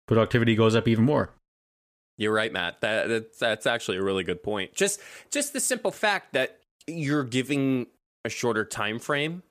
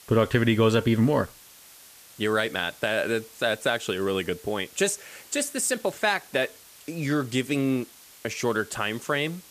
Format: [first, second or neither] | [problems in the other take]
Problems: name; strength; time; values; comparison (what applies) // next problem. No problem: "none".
first | hiss; faint; throughout; 20 dB below the speech